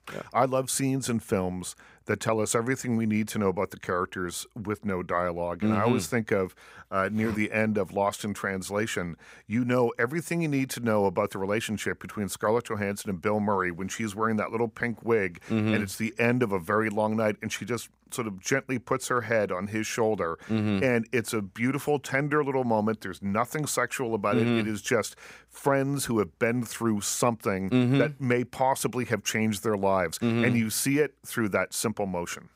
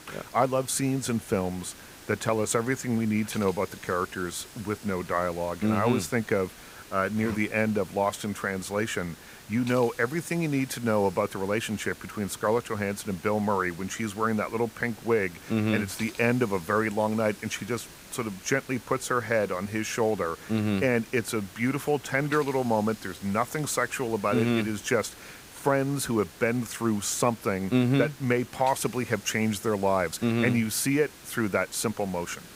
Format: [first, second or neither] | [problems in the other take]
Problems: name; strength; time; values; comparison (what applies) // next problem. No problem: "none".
first | hiss; noticeable; throughout; 20 dB below the speech